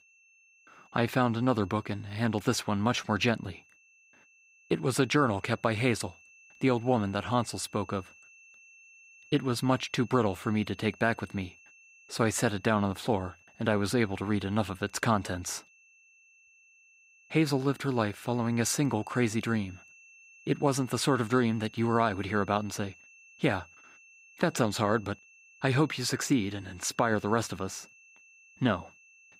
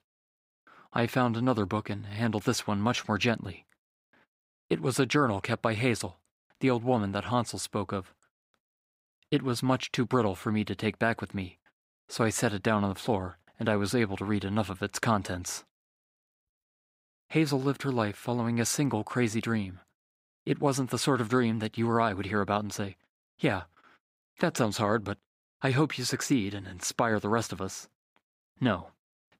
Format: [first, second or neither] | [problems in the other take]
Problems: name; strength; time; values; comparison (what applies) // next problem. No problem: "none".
second | high-pitched whine; faint; throughout; 2.5 kHz, 25 dB below the speech